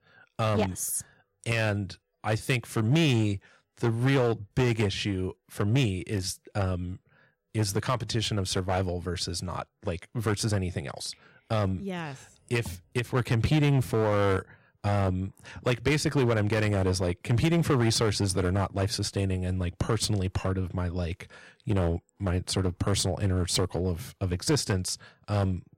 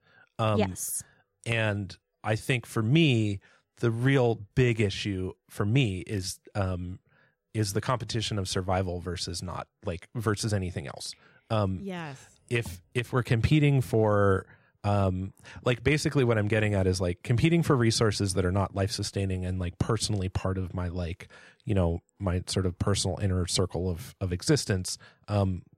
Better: second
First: distortion; slight; 8% of the sound clipped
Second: none

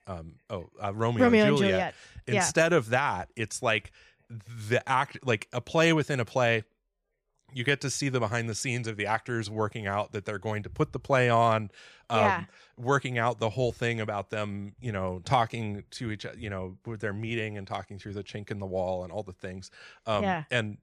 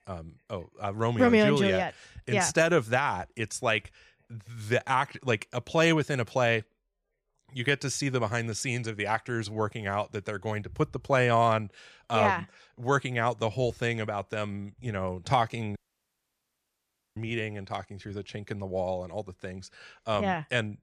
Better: first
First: none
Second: audio cutting out; at 16 s for 1.5 s

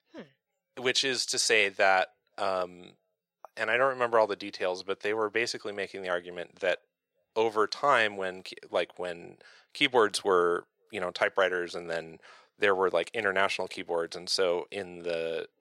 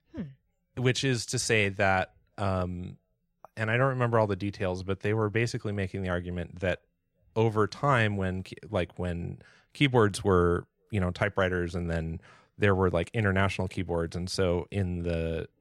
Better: second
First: thin; very; fading below 500 Hz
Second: none

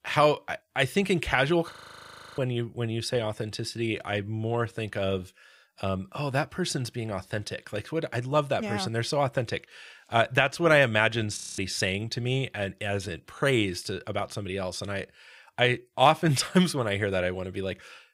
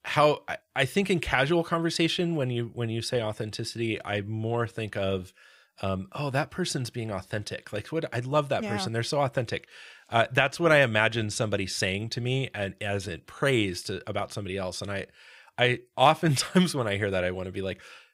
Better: second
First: audio freezing; at 1.5 s for 0.5 s and at 11 s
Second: none

